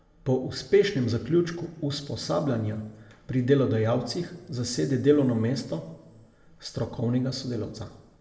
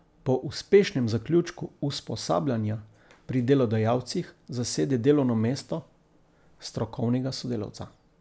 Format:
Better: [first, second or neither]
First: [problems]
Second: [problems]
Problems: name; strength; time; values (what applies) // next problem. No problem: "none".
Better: second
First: room echo; dies away in 0.8 s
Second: none